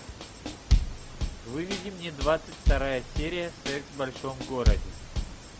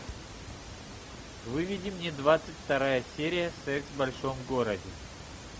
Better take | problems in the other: second | background sound (Drum kit); 3 dB above the speech

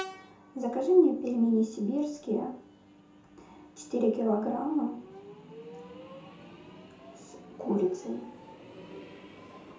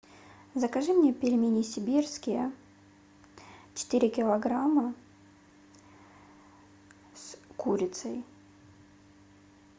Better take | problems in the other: second | background sound (Train); 18 dB below the speech // room echo; dies away in 0.5 s

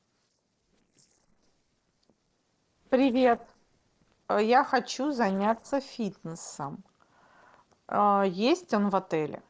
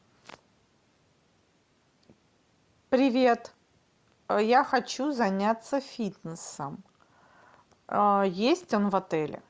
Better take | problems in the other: second | noise reduction (neural separator model SepFormer DNS4)

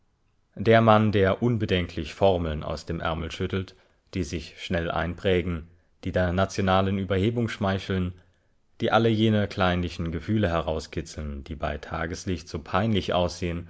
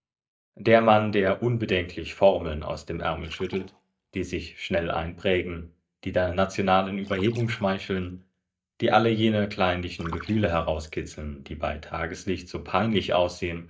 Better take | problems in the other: first | noise reduction (neural mask model DeepFilterNet 3)

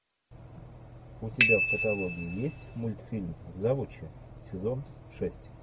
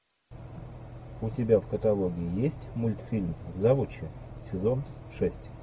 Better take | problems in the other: second | background sound (Bicycle bell); 2 dB above the speech

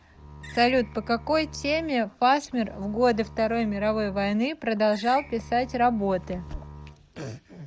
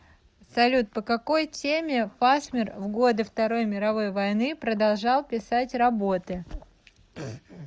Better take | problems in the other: second | background sound (Bowed string instrument + Screech); 17 dB below the speech

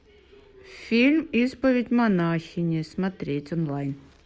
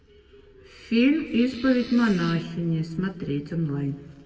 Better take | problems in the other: first | background sound (Fart); 17 dB below the speech // room echo; dies away in 1.4 s

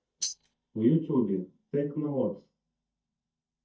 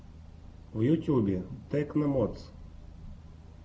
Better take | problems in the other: second | noise reduction (neural mask model DeepFilterNet 3)

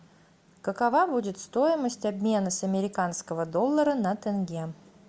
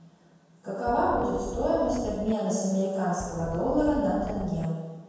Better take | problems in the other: first | background sound (Wind); 11 dB below the speech // room echo; dies away in 1.2 s

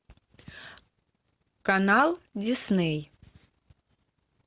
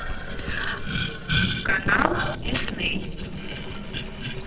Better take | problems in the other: first | noise reduction (neural separator model SepFormer DNS4)

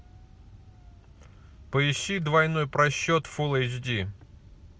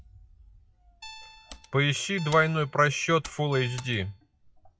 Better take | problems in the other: first | noise reduction (classical method log-MMSE)

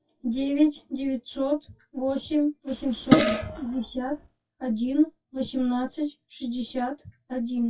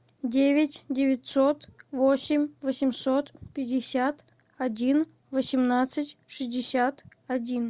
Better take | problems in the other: second | noise reduction (classical method WPE with log-MMSE)

